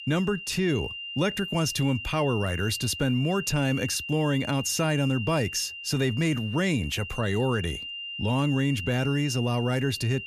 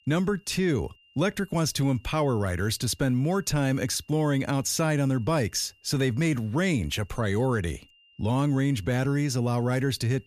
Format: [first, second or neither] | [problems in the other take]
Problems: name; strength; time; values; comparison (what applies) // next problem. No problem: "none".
second | high-pitched whine; loud; throughout; 3 kHz, 8 dB below the speech; faint in the second